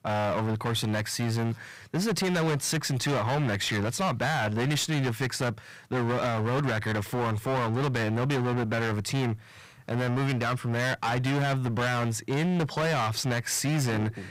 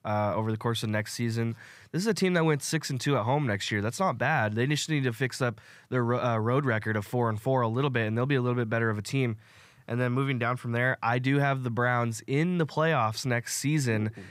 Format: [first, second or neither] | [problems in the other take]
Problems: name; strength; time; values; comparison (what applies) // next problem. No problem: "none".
second | distortion; heavy; 31% of the sound clipped